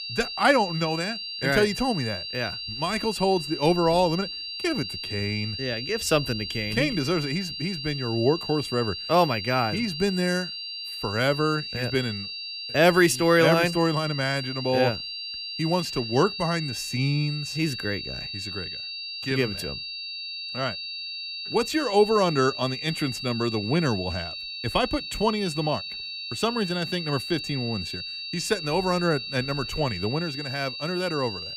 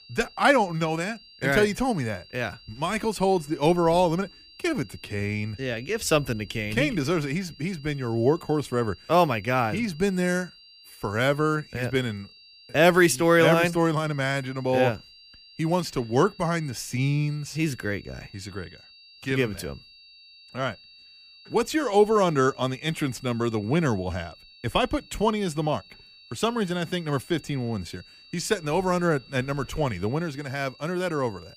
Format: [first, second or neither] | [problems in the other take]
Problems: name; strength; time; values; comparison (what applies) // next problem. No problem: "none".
second | high-pitched whine; loud; throughout; 4.5 kHz, 6 dB below the speech; faint in the second